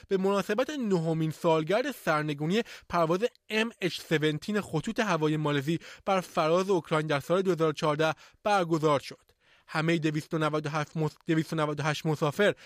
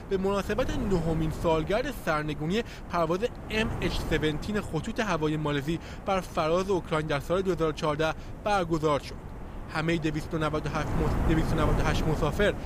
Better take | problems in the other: first | wind noise on the microphone; occasional gusts; 10 dB below the speech

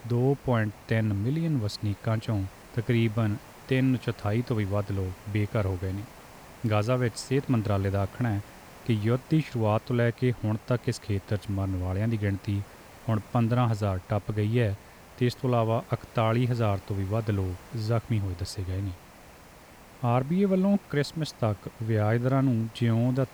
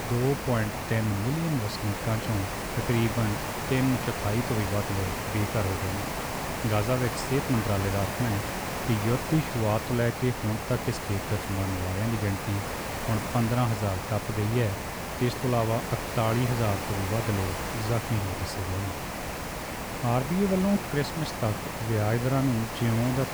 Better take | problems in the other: first | hiss; loud; throughout; 4 dB below the speech; faint in the first

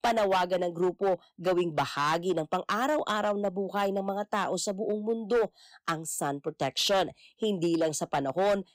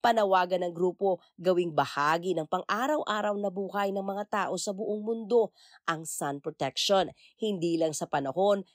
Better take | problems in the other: second | distortion; slight; 7% of the sound clipped

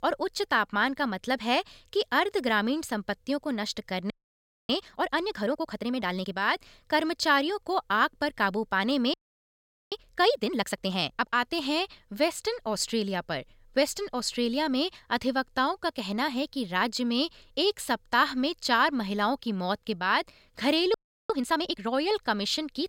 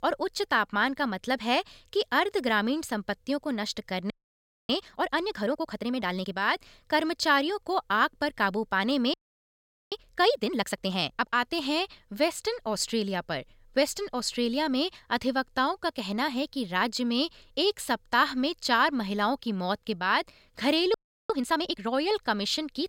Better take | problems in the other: neither | audio freezing; at 4 s for 0.5 s, at 9 s for 1 s and at 21 s; the same in both

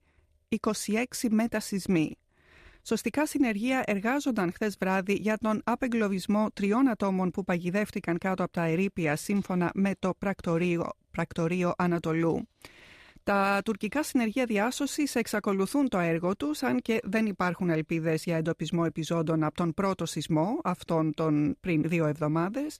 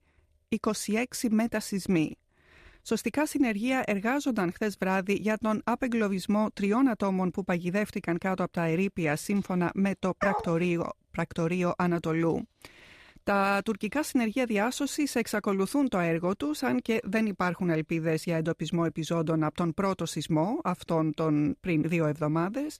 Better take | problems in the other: first | dog barking; noticeable; at 10 s; peak 3 dB below the speech

